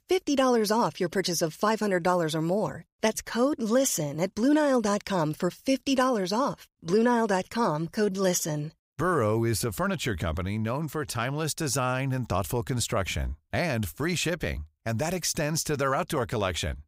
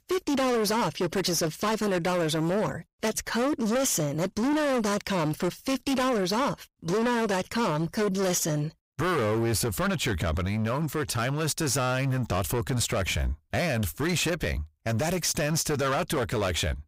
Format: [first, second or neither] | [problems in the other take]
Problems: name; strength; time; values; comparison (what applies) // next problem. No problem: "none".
first | distortion; heavy; 24% of the sound clipped